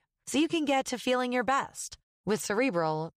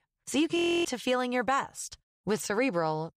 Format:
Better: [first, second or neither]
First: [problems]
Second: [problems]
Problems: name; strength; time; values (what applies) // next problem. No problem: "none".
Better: first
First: none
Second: audio freezing; at 0.5 s